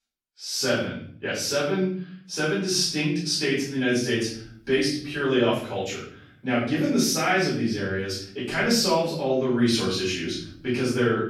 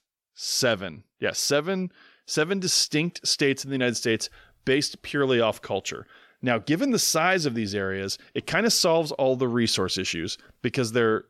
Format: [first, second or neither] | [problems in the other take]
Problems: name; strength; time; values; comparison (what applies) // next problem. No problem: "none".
second | off-mic speech; far // room echo; noticeable; dies away in 0.6 s